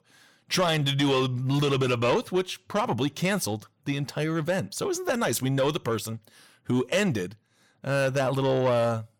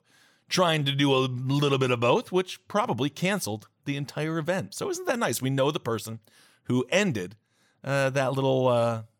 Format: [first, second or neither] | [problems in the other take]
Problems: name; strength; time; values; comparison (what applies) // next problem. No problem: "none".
second | distortion; slight; 10 dB below the speech